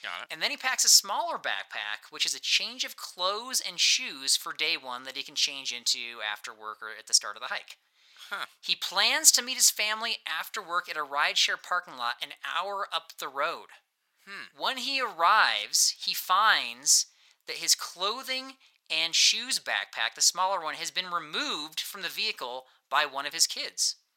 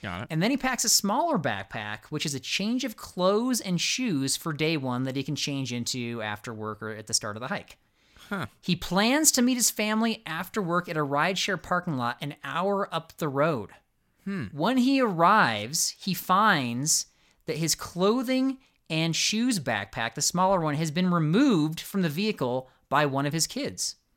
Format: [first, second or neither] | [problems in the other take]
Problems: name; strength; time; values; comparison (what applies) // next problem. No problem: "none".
second | thin; very; fading below 950 Hz